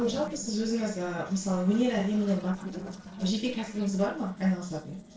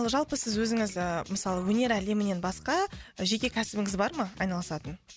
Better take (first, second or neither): second